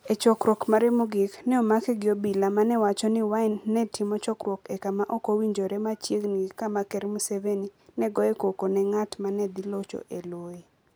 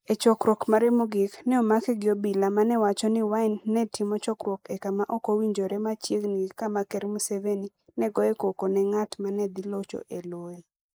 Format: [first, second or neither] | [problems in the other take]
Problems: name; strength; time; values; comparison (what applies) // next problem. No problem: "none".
first | noise reduction (neural mask model Resemble Enhance denoiser)